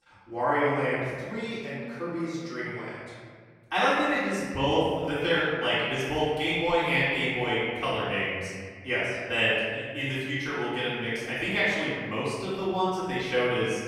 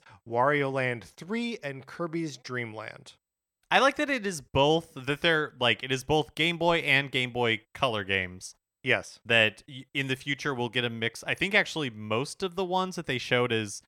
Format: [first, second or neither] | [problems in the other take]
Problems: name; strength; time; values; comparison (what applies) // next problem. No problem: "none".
second | room echo; strong; dies away in 1.7 s // off-mic speech; far